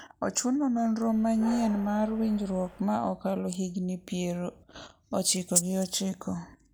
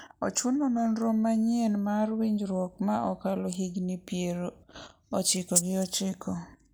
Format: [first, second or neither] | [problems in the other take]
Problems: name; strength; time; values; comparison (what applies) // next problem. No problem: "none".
second | background sound (Train); 16 dB below the speech